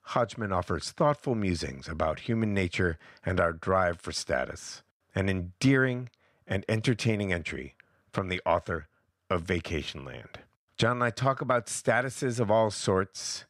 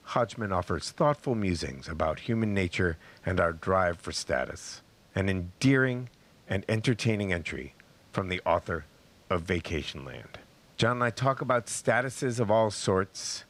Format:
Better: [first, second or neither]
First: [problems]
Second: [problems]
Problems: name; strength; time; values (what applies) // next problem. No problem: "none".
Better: first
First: none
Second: hiss; faint; throughout; 30 dB below the speech